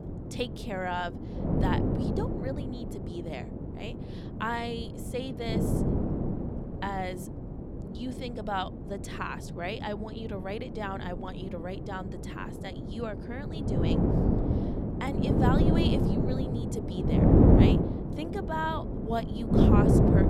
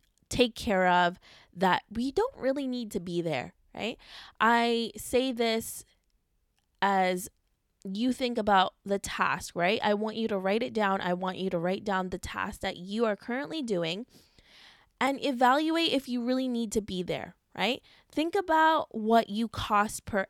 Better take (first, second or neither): second